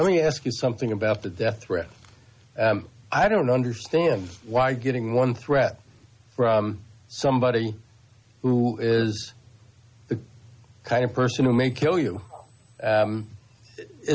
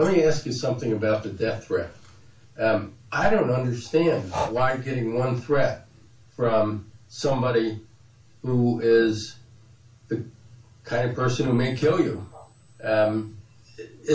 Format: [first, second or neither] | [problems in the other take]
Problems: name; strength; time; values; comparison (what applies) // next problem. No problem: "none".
first | background sound (Breathing); 12 dB below the speech // room echo; dies away in 0.3 s